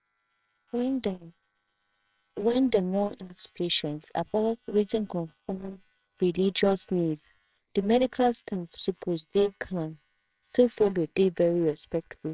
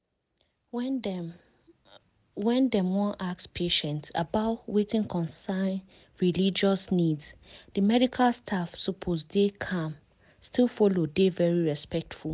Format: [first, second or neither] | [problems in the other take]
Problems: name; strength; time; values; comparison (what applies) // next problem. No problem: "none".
second | noise reduction (neural separator model SepFormer WHAMR!)